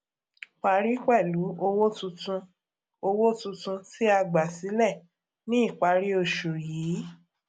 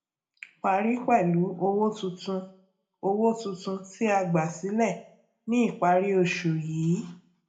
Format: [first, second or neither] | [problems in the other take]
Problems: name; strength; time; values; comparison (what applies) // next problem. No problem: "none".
first | room echo; dies away in 0.3 s